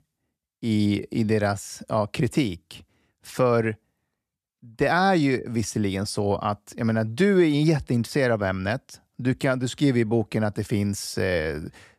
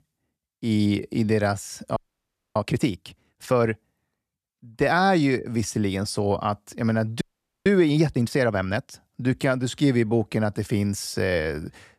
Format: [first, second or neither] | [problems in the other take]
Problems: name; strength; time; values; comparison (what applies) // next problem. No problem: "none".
first | audio freezing; at 2 s for 0.5 s and at 7 s